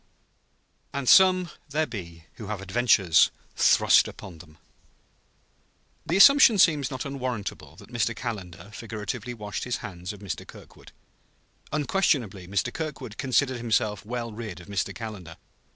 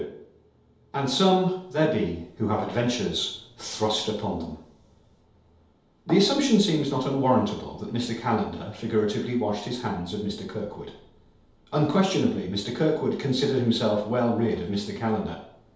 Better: first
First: none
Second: room echo; dies away in 0.8 s

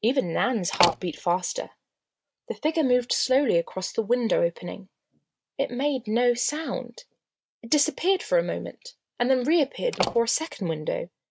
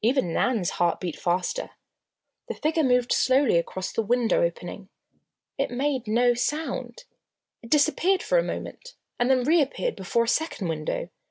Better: second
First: noise reduction (neural mask model RNNoise)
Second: none

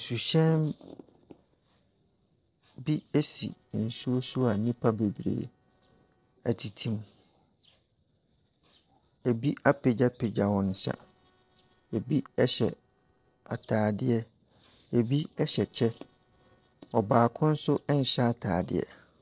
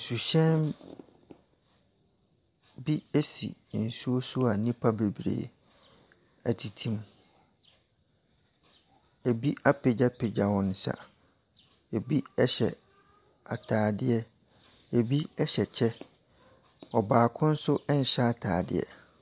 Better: second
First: noise reduction (neural separator model SepFormer DNS4)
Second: none

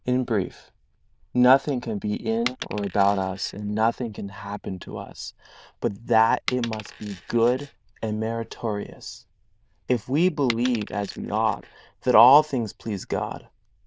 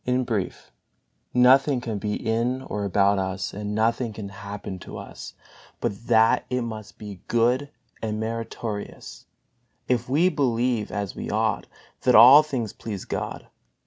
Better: second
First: noise reduction (neural diffusion model UNIVERSE++)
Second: none

